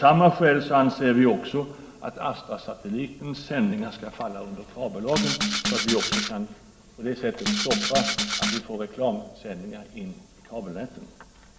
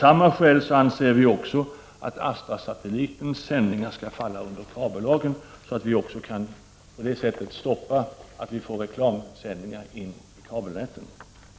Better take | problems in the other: second | background sound (Rattle (instrument)); 1 dB below the speech // room echo; dies away in 1.8 s

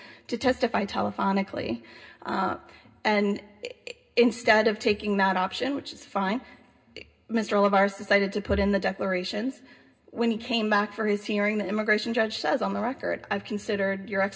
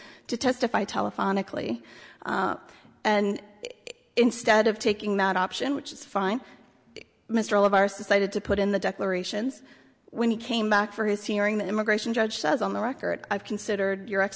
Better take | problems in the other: second | room echo; dies away in 0.2 s

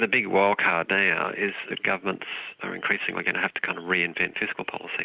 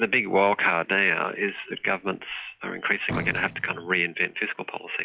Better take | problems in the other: first | noise reduction (classical method log-MMSE)

